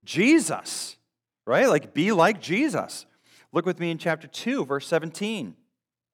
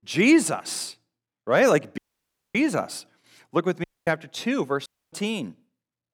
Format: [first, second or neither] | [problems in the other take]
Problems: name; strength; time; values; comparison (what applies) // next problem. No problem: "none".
first | audio cutting out; at 2 s for 0.5 s, at 4 s and at 5 s